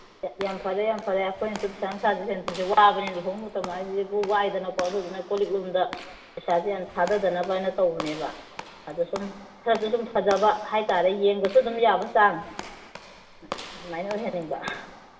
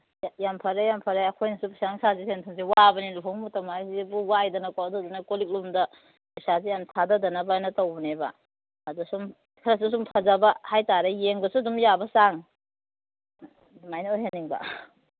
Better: second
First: background sound (Walk, footsteps / Slam); 16 dB below the speech // room echo; dies away in 0.8 s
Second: none

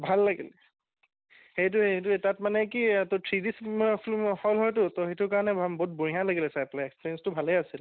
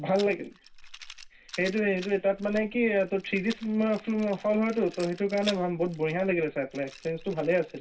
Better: first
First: none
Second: background sound (Rattle); 18 dB below the speech // room echo; dies away in 0.2 s

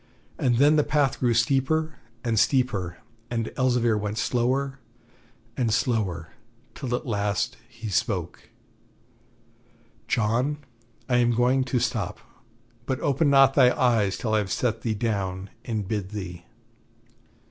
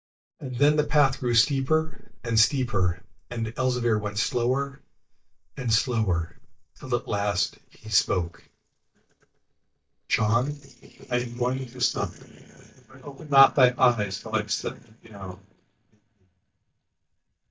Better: first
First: none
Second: noise reduction (neural mask model DeepFilterNet 3)

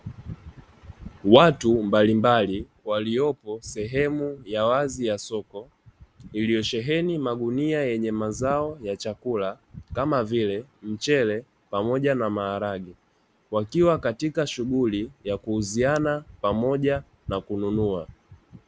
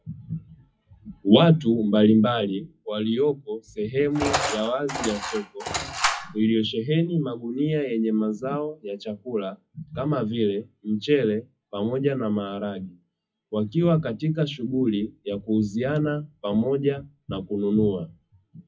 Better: first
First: none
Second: noise reduction (classical method WPE with log-MMSE)

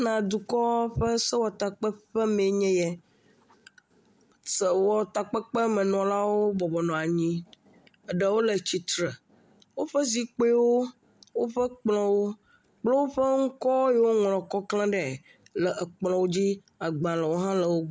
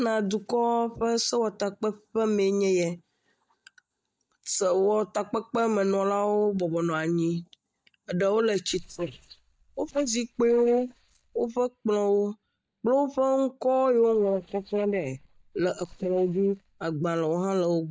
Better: first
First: none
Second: noise reduction (neural mask model DeepFilterNet 3)

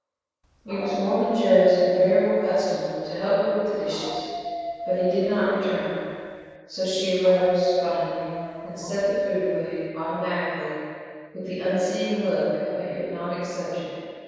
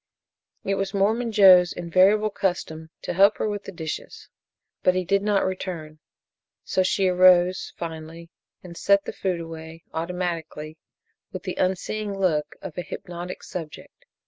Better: second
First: background sound (Dog); 11 dB below the speech // room echo; dies away in 2.1 s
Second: none

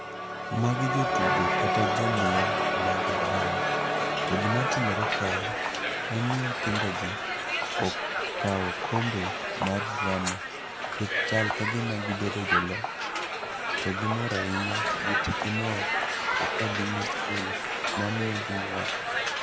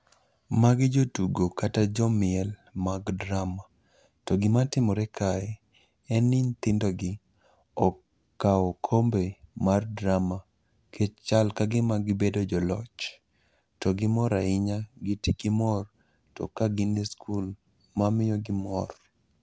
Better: second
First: background sound (Crowd); 4 dB above the speech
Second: none

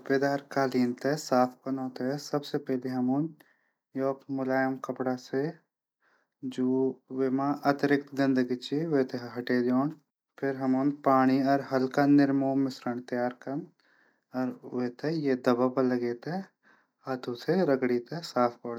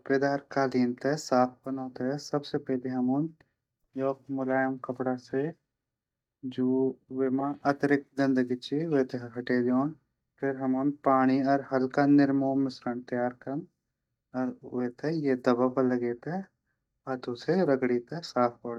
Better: first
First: none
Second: noise reduction (neural mask model DeepFilterNet 3)

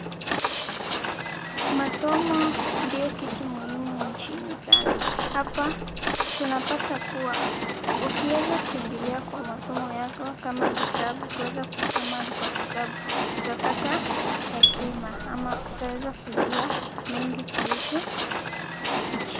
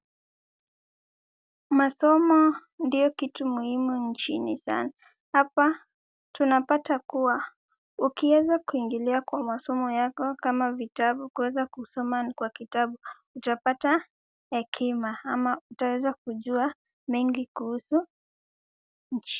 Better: second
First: background sound (Walk, footsteps + Marimba, xylophone); 4 dB above the speech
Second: none

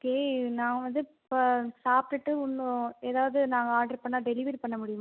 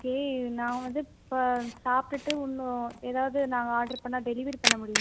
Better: first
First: none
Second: background sound (Camera); 6 dB below the speech

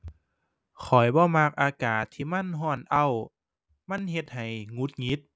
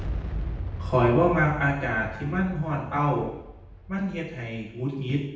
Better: first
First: none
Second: background sound (Boom); 9 dB below the speech // room echo; dies away in 0.8 s

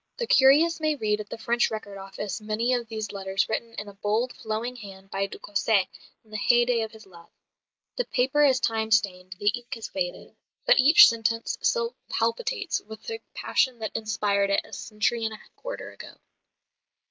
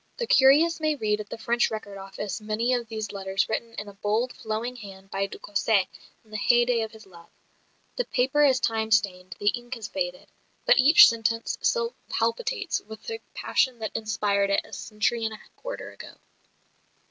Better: second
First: noise reduction (neural mask model Resemble Enhance denoiser)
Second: none

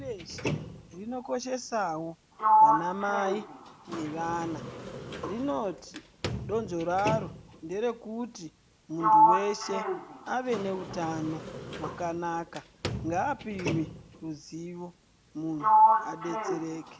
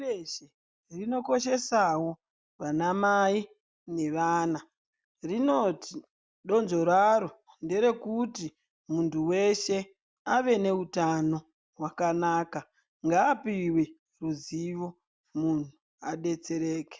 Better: second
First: background sound (Sliding door); 4 dB above the speech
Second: none

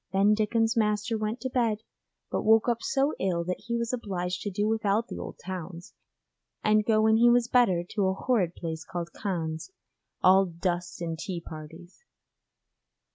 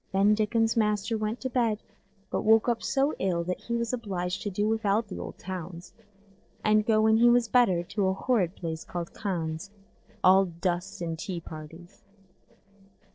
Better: first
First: none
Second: noise reduction (neural separator model SepFormer DNS4)

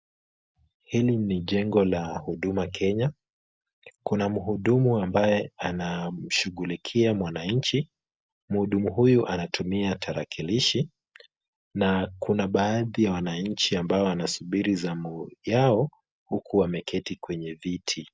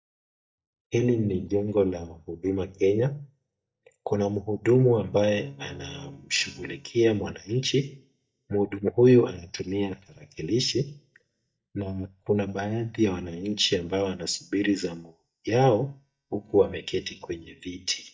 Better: first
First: none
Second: noise reduction (neural mask model DeepFilterNet 3)

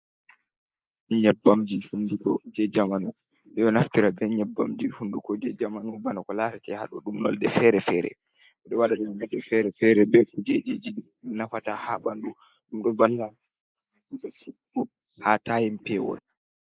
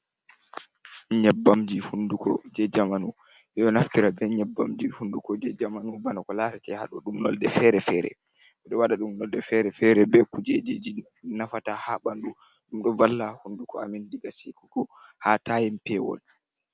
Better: second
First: noise reduction (neural mask model Resemble Enhance denoiser)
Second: none

